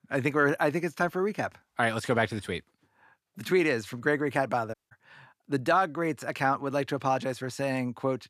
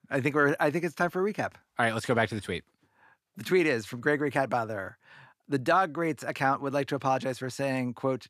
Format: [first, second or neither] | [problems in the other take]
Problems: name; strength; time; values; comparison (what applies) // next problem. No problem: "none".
second | audio cutting out; at 4.5 s